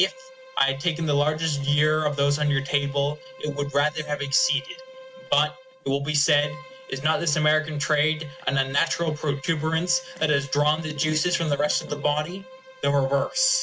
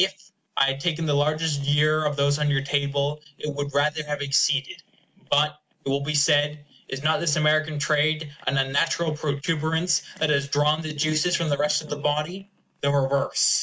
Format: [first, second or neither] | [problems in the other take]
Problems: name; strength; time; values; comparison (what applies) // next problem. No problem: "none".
second | background sound (Bowed string instrument); 20 dB below the speech